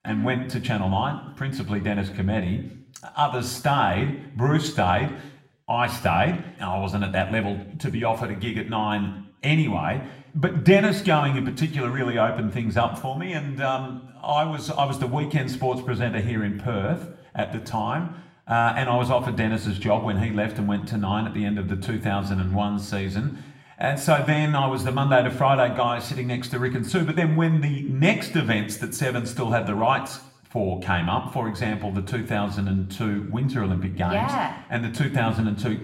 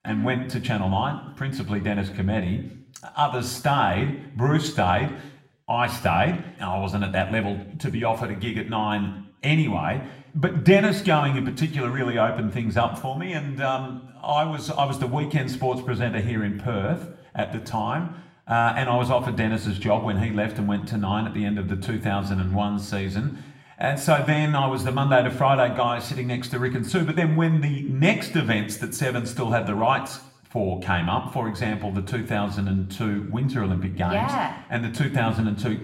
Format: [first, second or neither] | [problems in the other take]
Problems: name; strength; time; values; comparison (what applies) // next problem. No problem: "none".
neither | room echo; slight; dies away in 0.6 s; the same in both // off-mic speech; somewhat distant; the same in both